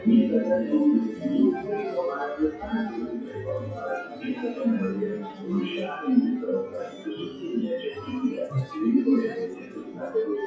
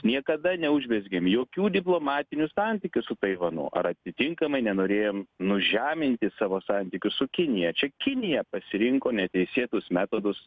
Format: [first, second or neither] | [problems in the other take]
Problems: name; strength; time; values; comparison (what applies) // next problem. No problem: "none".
second | noise reduction (classical method WPE with log-MMSE)